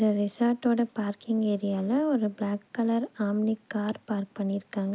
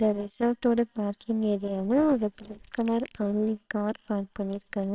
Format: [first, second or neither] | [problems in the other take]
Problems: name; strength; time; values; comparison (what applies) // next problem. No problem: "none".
first | noise reduction (neural separator model SepFormer WHAMR!)